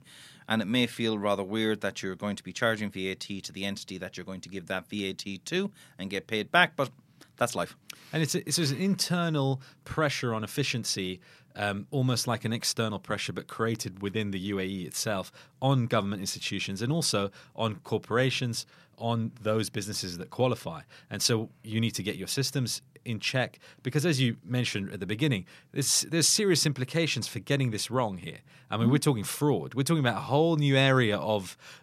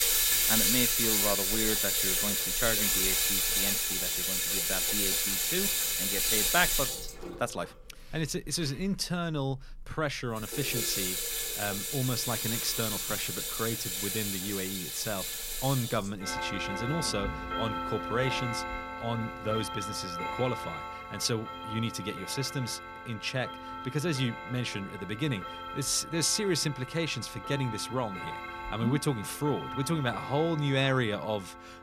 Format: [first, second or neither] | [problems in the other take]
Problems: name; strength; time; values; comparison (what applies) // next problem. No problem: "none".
first | household noises; very loud; throughout; 4 dB above the speech